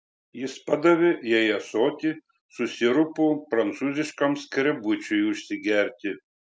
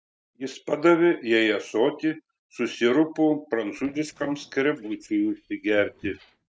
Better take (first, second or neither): first